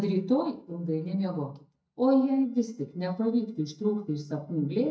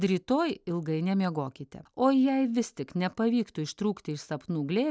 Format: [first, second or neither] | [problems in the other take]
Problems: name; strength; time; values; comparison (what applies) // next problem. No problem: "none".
second | noise reduction (neural mask model DeepFilterNet 3)